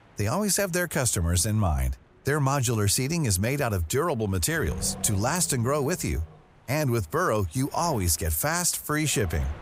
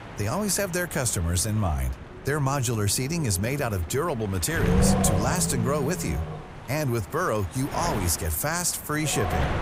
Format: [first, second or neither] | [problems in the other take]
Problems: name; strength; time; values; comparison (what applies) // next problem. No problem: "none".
first | wind noise on the microphone; heavy; 7 dB below the speech; occasional gusts in the first